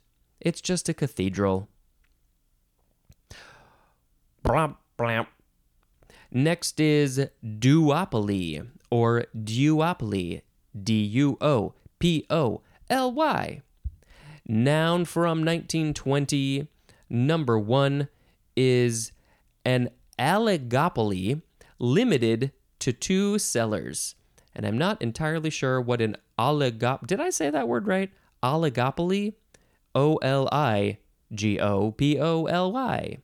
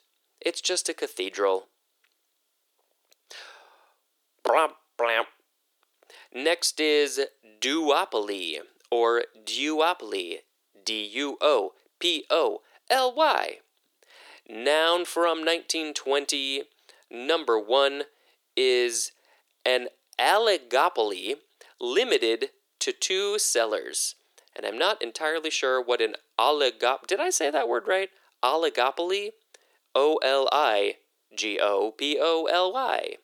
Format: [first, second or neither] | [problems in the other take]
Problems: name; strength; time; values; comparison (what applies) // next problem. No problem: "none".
first | thin; very; fading below 350 Hz